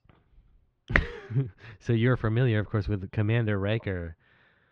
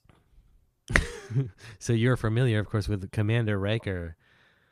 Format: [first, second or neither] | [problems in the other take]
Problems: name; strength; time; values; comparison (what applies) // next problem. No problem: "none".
second | muffled; slightly; fading above 3.5 kHz